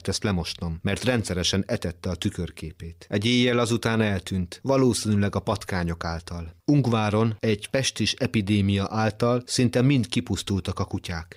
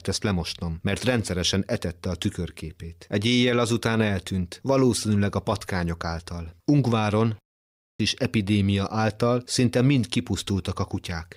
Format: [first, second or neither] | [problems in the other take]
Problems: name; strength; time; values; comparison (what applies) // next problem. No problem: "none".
first | audio cutting out; at 7.5 s for 0.5 s